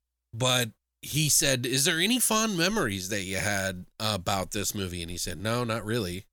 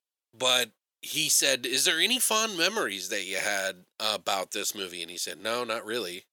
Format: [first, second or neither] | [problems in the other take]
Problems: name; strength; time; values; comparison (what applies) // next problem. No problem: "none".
first | thin; somewhat; fading below 400 Hz